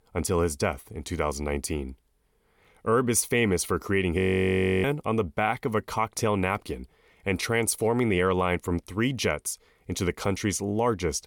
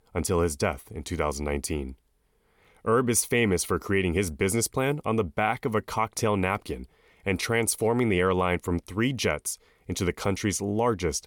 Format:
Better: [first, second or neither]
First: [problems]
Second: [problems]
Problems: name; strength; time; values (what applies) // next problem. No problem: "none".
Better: second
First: audio freezing; at 4 s for 0.5 s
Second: none